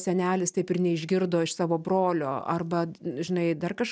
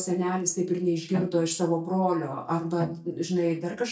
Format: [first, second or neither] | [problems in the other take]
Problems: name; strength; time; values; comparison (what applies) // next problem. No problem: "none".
first | noise reduction (neural mask model DeepFilterNet 3)